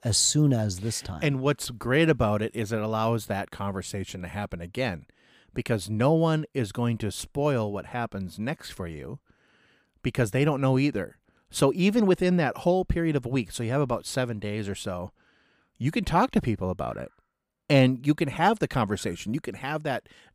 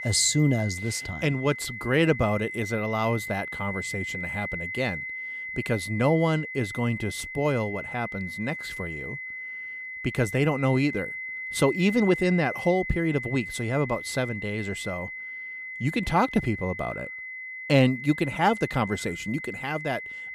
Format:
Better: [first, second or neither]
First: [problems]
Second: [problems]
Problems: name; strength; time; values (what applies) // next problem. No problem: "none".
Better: first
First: none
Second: high-pitched whine; loud; throughout; 2 kHz, 7 dB below the speech